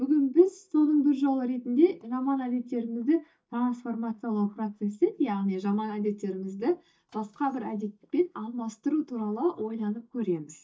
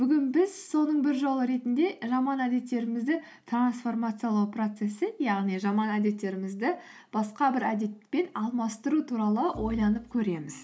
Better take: second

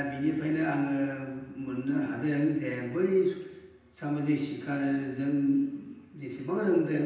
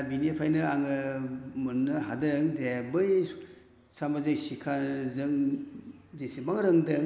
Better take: second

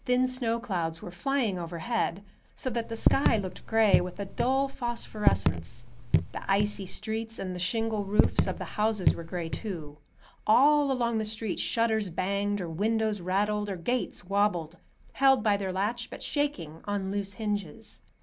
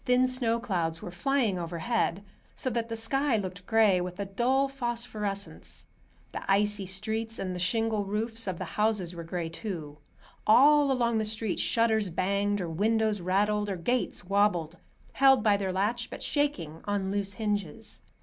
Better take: second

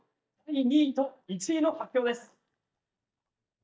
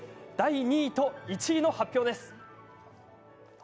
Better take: second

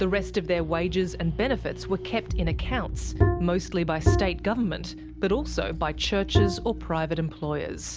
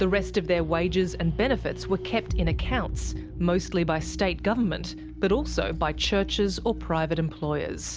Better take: second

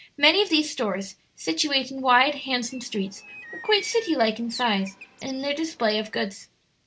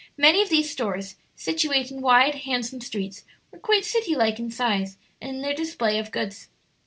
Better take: second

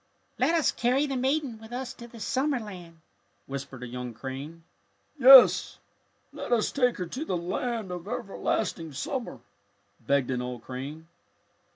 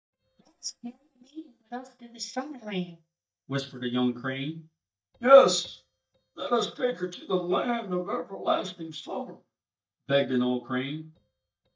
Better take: first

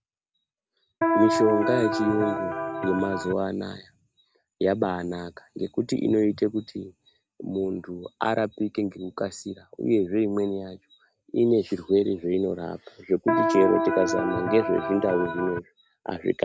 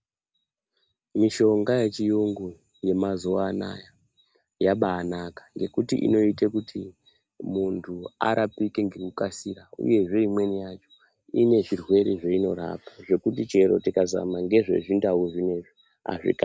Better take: second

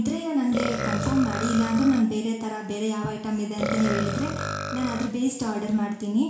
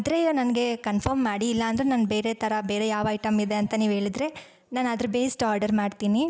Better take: second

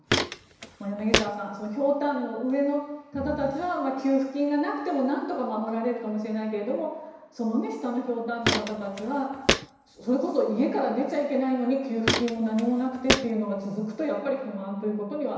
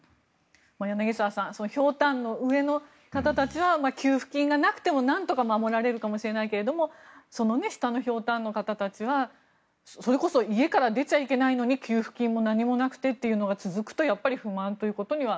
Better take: second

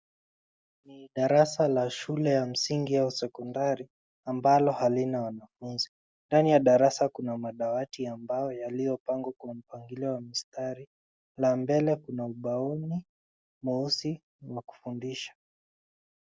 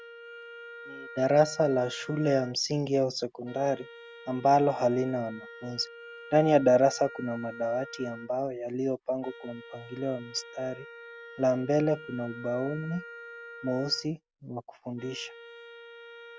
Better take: first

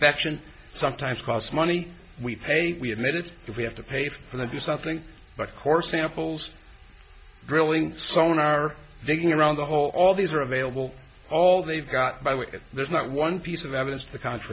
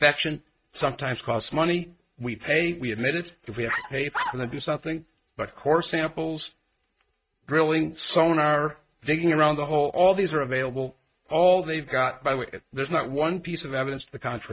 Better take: first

